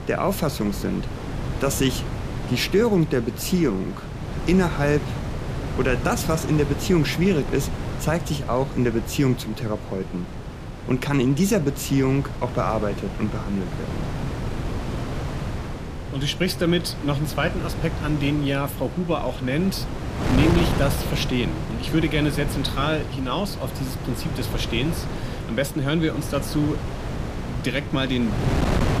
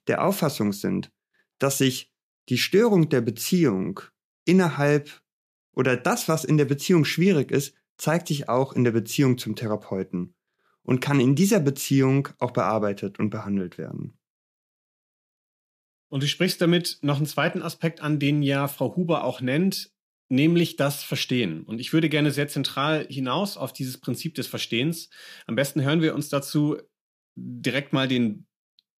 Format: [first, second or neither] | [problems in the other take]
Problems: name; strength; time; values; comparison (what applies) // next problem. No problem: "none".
second | wind noise on the microphone; heavy; 8 dB below the speech